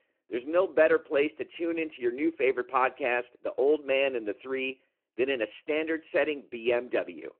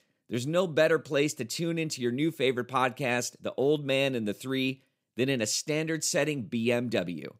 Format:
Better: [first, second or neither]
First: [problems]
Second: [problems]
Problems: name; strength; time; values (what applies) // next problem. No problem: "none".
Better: second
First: phone-call audio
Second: none